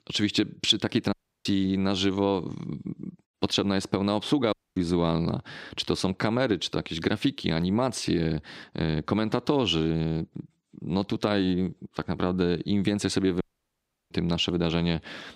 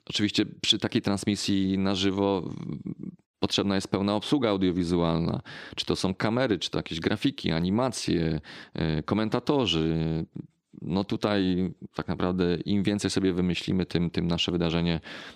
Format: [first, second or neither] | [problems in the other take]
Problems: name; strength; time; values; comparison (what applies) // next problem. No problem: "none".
second | audio cutting out; at 1 s, at 4.5 s and at 13 s for 0.5 s